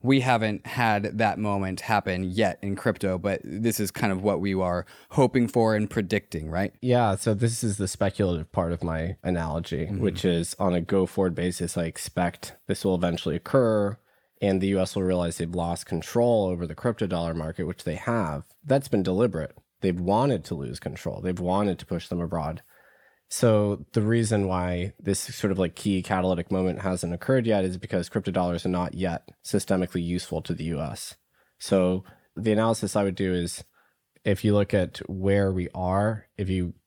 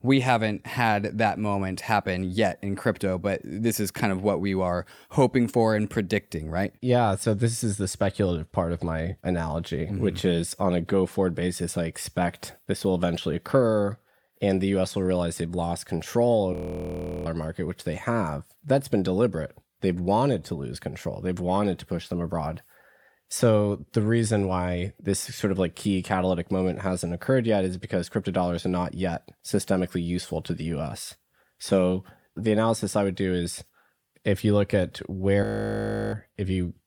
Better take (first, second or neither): first